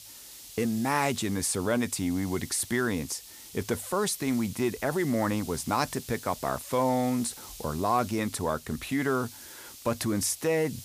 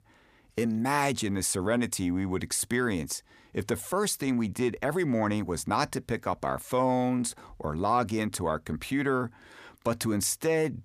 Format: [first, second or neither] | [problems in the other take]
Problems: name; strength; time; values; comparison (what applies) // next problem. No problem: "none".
second | hiss; noticeable; throughout; 15 dB below the speech